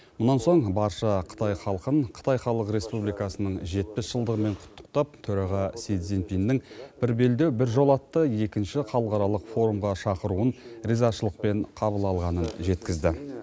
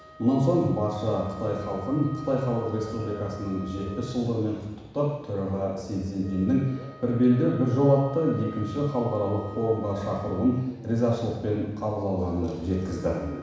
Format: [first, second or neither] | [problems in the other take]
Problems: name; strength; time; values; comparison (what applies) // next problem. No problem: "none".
first | background sound (Wind instrument, woodwind instrument); 20 dB below the speech // room echo; dies away in 1.1 s